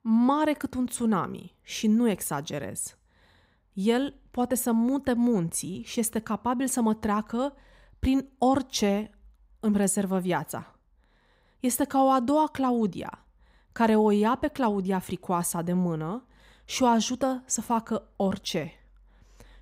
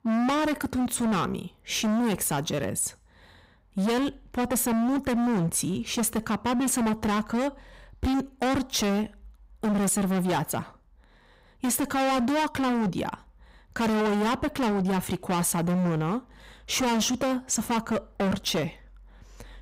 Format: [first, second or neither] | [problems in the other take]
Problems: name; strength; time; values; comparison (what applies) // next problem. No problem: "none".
first | distortion; heavy; 28% of the sound clipped